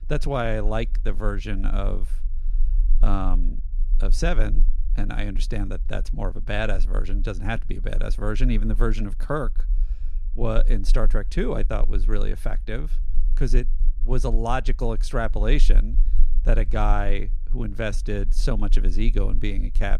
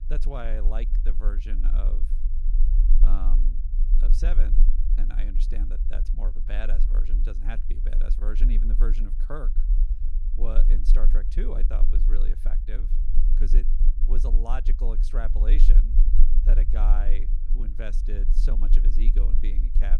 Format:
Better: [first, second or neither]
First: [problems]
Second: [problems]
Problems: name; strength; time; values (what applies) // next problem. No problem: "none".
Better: first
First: low rumble; faint; throughout; 25 dB below the speech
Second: low rumble; loud; throughout; 9 dB below the speech